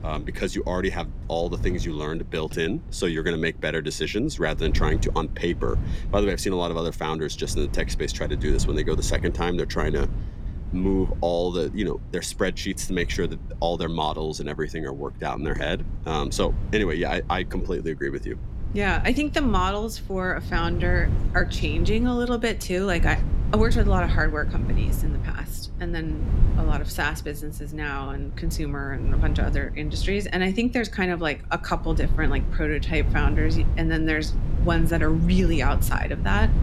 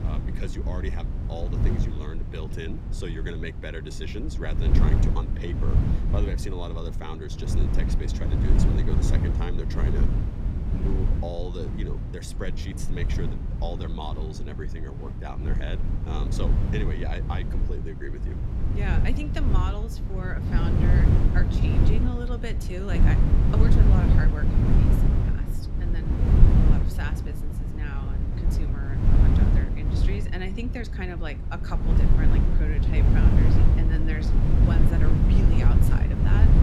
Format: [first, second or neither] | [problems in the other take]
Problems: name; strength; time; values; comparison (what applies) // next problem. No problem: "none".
first | wind noise on the microphone; heavy; 1 dB above the speech; occasional gusts in the first